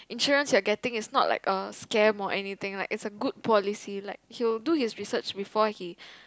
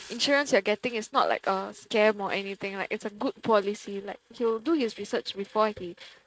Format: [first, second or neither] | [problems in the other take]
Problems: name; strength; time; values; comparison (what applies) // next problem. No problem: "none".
first | noise reduction (neural mask model RNNoise)